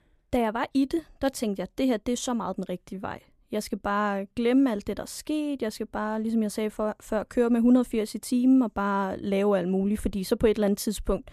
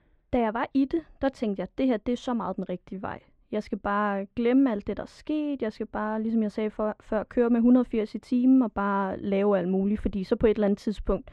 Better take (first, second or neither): first